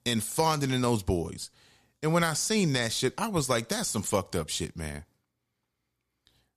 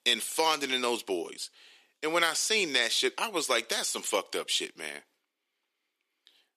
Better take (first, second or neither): first